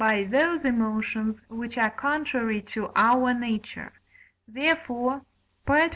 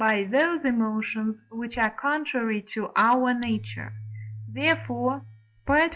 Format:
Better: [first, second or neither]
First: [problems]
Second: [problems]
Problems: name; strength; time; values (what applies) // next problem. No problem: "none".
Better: first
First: none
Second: noise reduction (classical method log-MMSE)